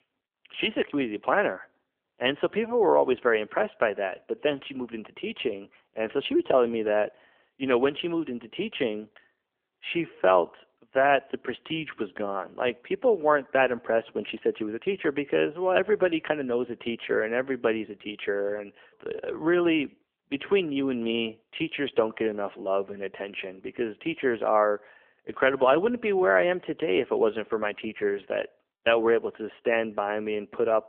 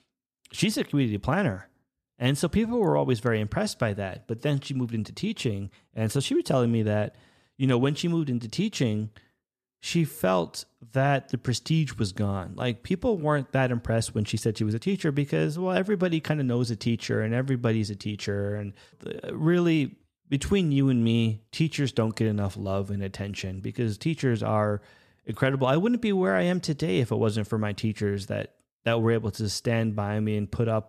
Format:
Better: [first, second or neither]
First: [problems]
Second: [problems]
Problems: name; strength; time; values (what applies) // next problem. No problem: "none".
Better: second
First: phone-call audio; nothing above 3 kHz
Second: none